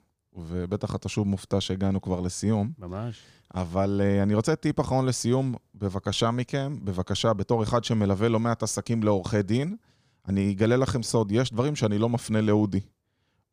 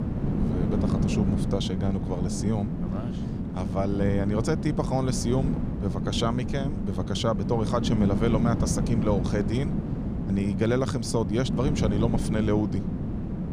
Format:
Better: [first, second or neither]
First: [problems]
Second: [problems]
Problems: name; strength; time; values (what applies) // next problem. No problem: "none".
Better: first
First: none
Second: wind noise on the microphone; heavy; 5 dB below the speech